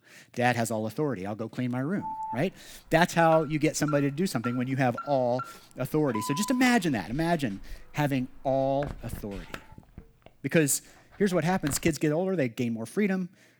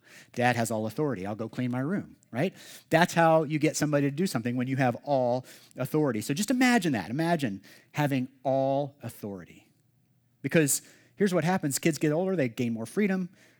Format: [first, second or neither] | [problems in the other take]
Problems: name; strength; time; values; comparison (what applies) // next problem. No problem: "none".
second | alarm; noticeable; from 2 to 12 s; peak 8 dB below the speech